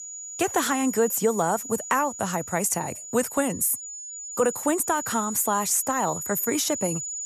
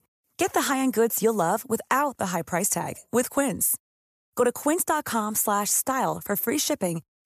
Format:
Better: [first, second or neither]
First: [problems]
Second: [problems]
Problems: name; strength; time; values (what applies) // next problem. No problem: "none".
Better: second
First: high-pitched whine; loud; throughout; 7 kHz, 8 dB below the speech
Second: none